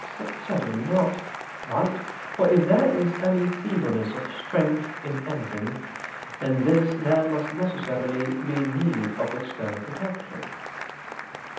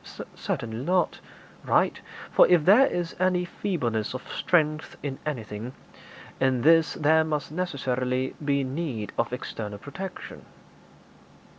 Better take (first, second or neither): second